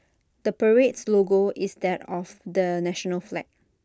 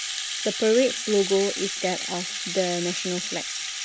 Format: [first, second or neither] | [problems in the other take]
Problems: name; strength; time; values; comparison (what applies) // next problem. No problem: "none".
first | background sound (Rattle (instrument)); 5 dB below the speech